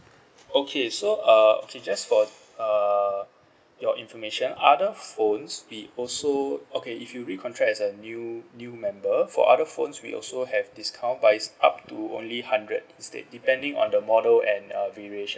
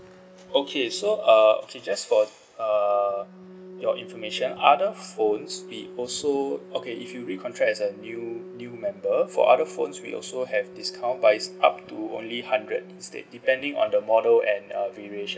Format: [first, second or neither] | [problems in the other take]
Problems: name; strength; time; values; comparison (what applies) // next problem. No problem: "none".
first | background sound (Organ); 19 dB below the speech